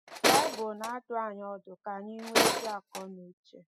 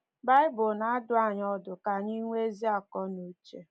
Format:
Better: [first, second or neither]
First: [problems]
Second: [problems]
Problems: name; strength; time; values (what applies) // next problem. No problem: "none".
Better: second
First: noise reduction (classical method spectral subtraction)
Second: none